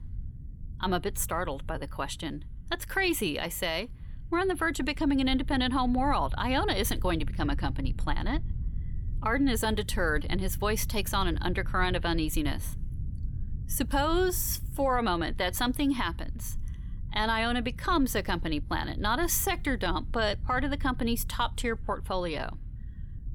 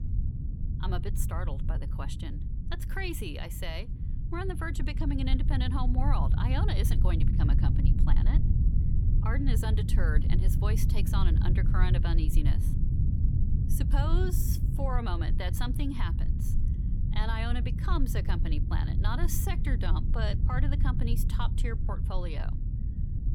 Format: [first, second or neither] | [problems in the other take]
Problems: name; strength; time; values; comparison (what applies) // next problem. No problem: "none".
first | low rumble; loud; throughout; 6 dB below the speech; faint in the first